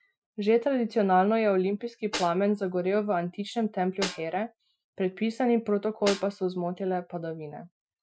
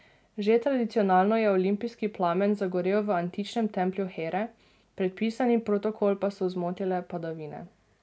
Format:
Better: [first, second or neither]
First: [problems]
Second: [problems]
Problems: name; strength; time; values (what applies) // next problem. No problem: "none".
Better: second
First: noise reduction (classical method Wiener filter)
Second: none